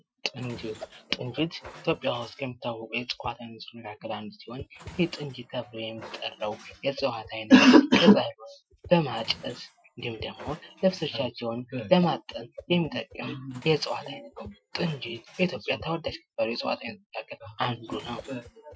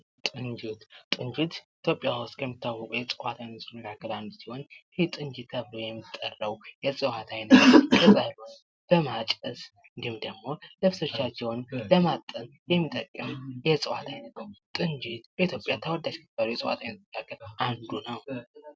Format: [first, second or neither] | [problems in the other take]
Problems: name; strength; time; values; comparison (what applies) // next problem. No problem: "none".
second | noise reduction (classical method Wiener filter)